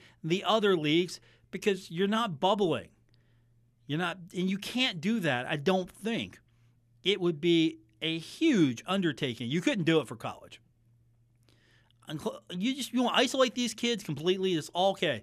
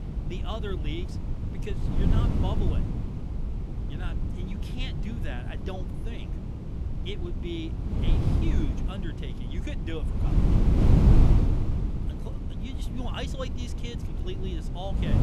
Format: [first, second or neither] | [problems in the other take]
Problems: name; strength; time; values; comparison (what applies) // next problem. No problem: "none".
first | wind noise on the microphone; heavy; 1 dB above the speech